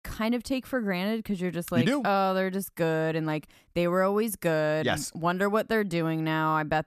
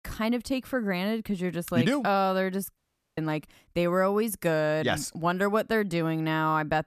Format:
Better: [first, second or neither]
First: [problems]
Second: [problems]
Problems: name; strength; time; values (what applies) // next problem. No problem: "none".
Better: first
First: none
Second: audio cutting out; at 3 s